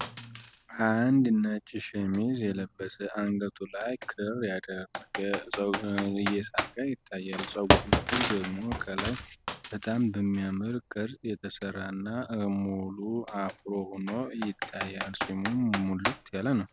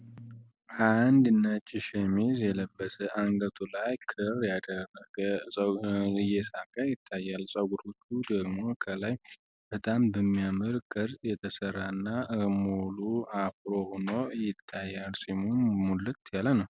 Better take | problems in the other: second | background sound (Computer keyboard); 5 dB below the speech

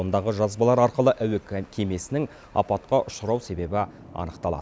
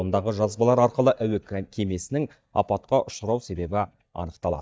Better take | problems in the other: first | noise reduction (neural mask model DeepFilterNet 3)

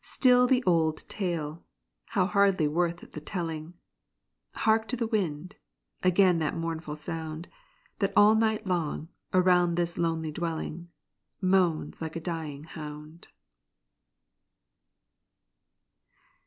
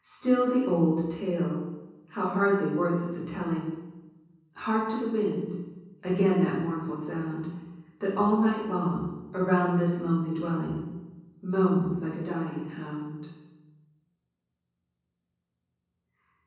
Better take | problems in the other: first | room echo; dies away in 1.1 s

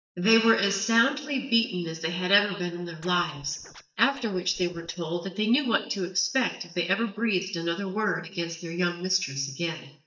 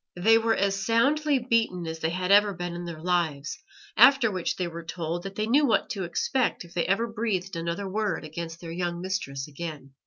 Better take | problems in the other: second | noise reduction (neural mask model DeepFilterNet 3)

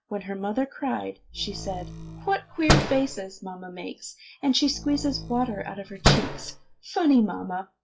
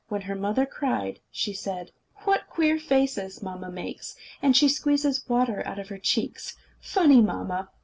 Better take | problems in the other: second | noise reduction (classical method log-MMSE)

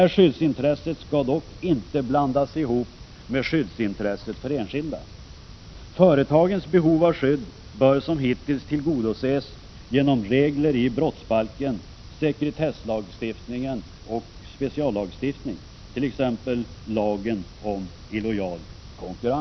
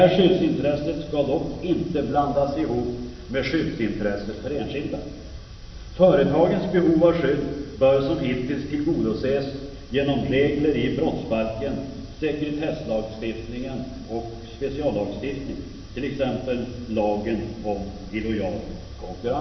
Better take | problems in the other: first | room echo; dies away in 1.1 s

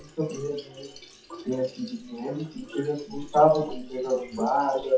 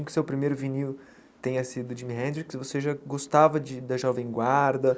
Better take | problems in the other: second | noise reduction (classical method WPE with log-MMSE)

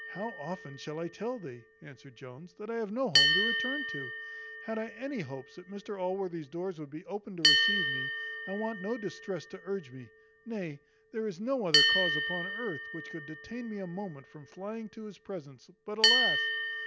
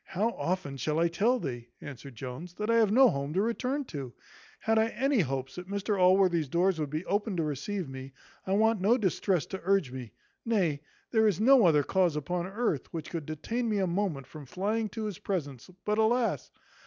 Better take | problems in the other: second | background sound (Bell); 4 dB above the speech

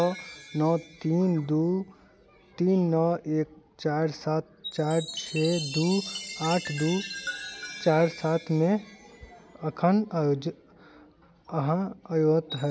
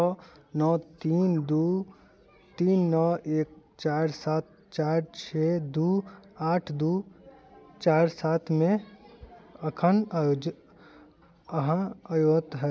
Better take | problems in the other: second | background sound (Chime); 15 dB below the speech

